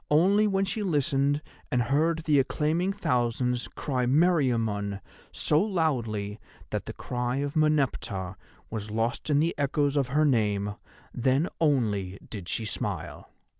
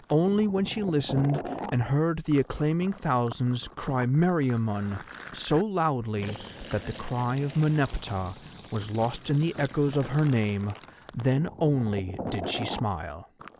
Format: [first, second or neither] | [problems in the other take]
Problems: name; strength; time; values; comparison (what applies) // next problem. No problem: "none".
first | background sound (Fill (with liquid)); 14 dB below the speech